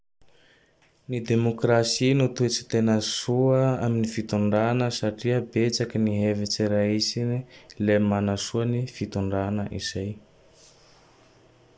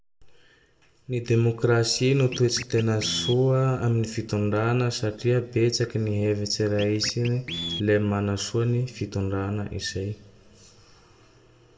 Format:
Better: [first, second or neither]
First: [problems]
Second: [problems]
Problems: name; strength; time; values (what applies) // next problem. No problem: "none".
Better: first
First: none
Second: background sound (Scratching (performance technique)); 13 dB below the speech // room echo; dies away in 1.1 s